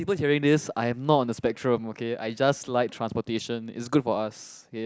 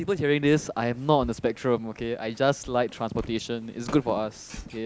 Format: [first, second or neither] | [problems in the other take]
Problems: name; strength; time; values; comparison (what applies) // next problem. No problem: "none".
first | background sound (Walk, footsteps); 18 dB below the speech